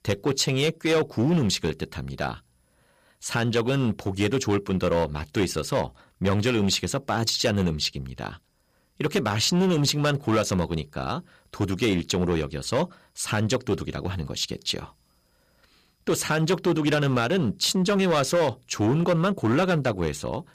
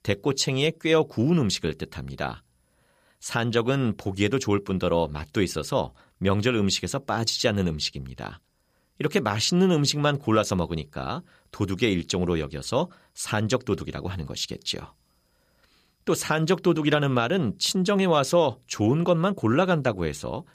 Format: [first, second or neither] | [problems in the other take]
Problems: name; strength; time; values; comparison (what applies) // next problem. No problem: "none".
second | distortion; slight; 7% of the sound clipped